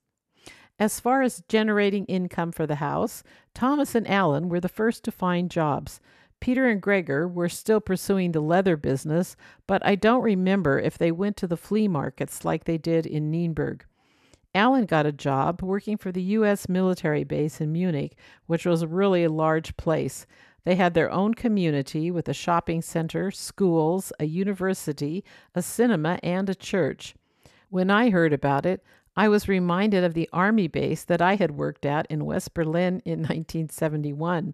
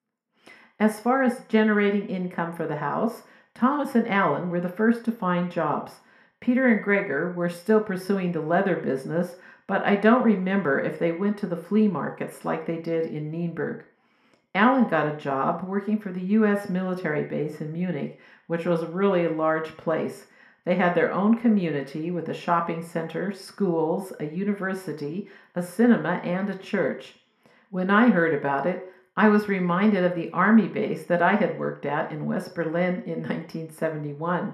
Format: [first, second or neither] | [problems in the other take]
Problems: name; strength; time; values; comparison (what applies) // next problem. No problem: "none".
first | room echo; very slight; dies away in 0.5 s